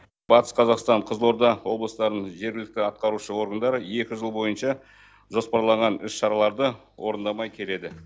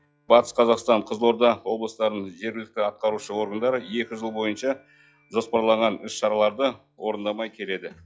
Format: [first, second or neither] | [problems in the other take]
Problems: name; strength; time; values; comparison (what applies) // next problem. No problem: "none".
first | noise reduction (classical method log-MMSE)